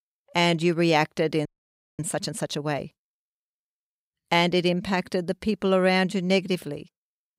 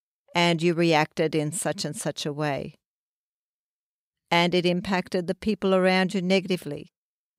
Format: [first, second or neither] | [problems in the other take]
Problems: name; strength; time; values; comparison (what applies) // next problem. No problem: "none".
second | audio freezing; at 1.5 s for 0.5 s